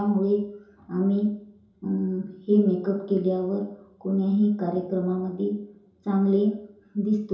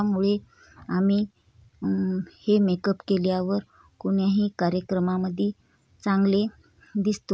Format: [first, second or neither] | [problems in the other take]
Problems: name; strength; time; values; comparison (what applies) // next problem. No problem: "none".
second | room echo; dies away in 2.8 s